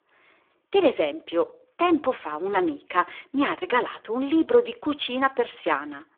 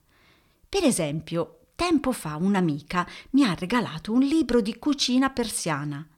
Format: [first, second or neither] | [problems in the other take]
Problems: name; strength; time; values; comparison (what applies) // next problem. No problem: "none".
second | phone-call audio; poor line; nothing above 3.5 kHz